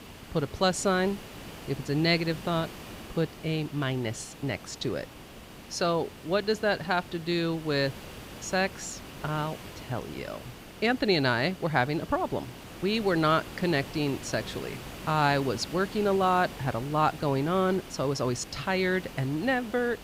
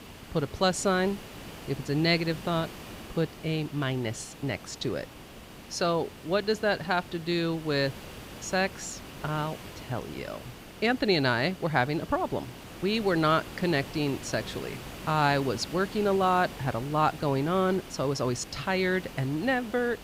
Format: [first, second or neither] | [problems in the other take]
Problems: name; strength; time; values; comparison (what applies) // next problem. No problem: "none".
neither | hiss; noticeable; throughout; 15 dB below the speech; the same in both